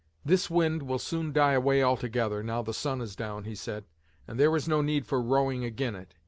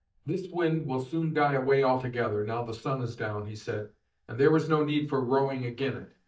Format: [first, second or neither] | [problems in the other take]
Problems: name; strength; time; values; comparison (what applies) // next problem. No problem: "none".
first | noise reduction (neural mask model DeepFilterNet 3)